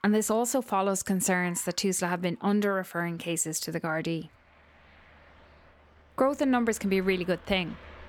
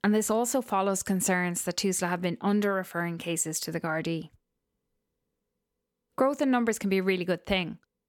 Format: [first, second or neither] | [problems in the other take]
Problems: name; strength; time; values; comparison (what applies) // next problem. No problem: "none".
second | traffic noise; faint; throughout; 25 dB below the speech